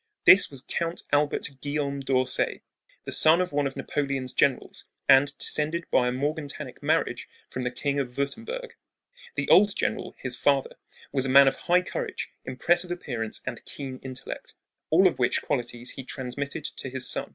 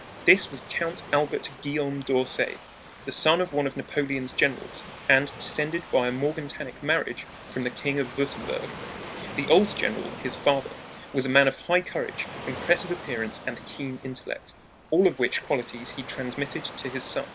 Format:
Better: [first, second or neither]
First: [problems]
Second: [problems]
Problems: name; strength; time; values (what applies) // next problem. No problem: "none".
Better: first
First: none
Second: background sound (Waves, surf); 14 dB below the speech